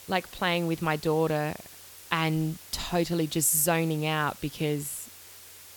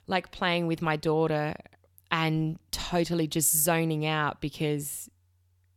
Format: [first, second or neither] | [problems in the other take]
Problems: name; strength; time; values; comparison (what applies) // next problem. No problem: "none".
second | hiss; noticeable; throughout; 20 dB below the speech